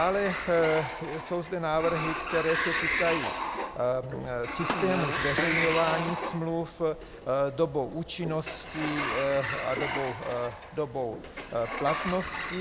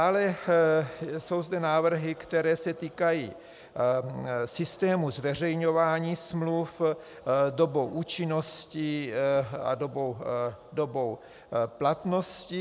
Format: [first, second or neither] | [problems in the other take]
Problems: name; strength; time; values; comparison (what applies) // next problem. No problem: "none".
second | background sound (Sliding door + Fart); 4 dB below the speech